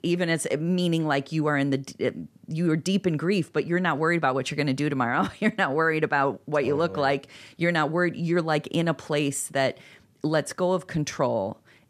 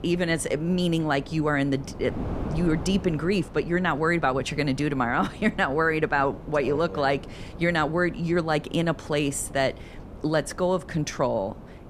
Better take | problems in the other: first | wind noise on the microphone; occasional gusts; 20 dB below the speech

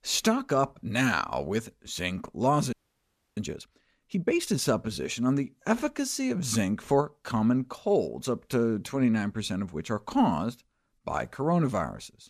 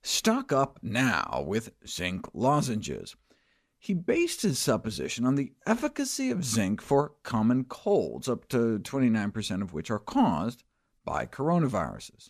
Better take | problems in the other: second | audio freezing; at 2.5 s for 0.5 s

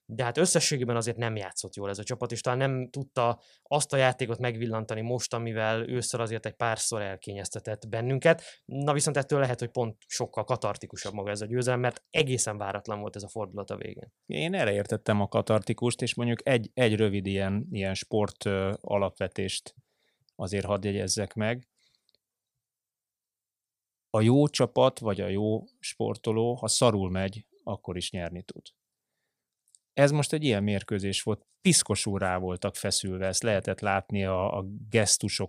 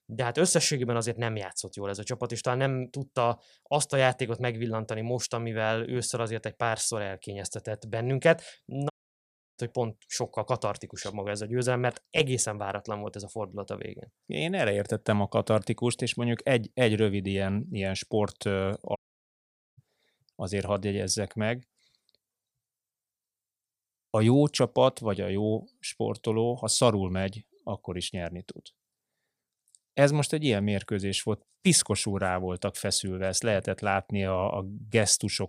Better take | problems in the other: first | audio cutting out; at 9 s for 0.5 s and at 19 s for 1 s

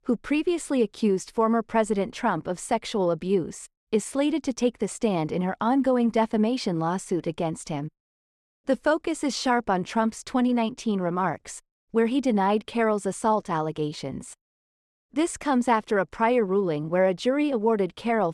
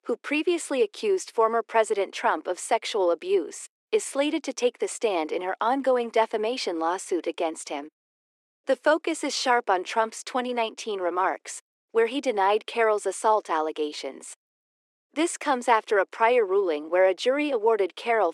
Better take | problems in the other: first | thin; somewhat; fading below 300 Hz

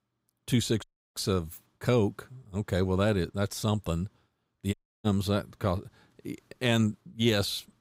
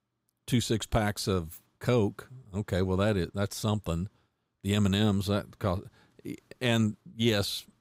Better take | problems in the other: second | audio cutting out; at 1 s and at 4.5 s

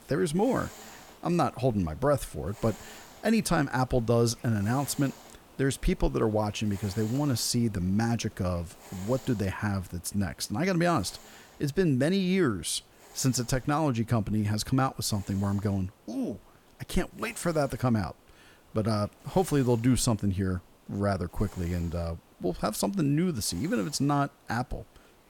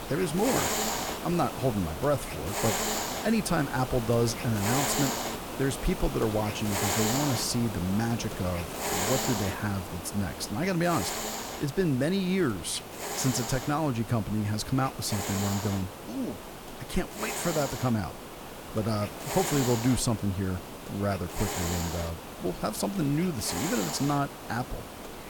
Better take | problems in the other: first | hiss; loud; throughout; 4 dB below the speech; faint in the first

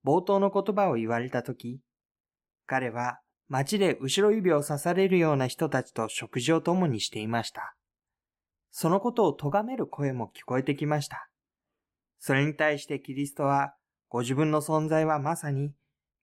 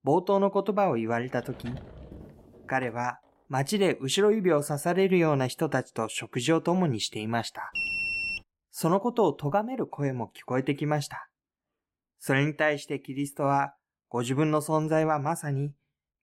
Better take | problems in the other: first | door banging; faint; from 1.5 to 3 s; peak 15 dB below the speech // alarm; loud; at 8 s; peak level with the speech

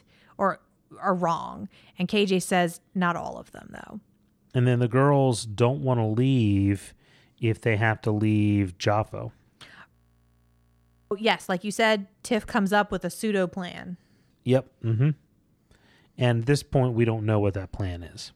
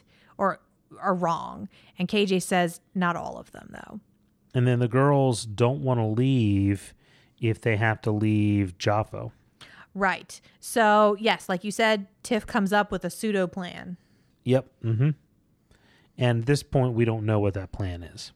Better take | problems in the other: second | audio freezing; at 10 s for 1 s

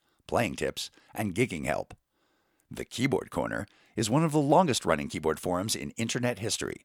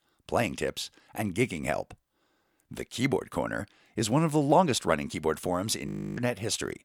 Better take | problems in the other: first | audio freezing; at 6 s

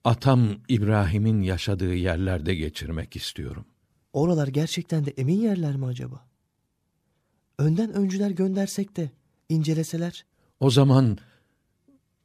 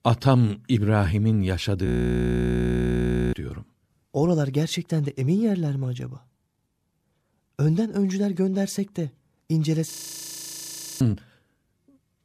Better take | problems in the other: first | audio freezing; at 2 s for 1.5 s and at 10 s for 1 s

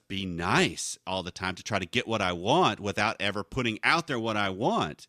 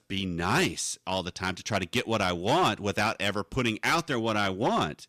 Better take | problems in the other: first | distortion; slight; 5% of the sound clipped

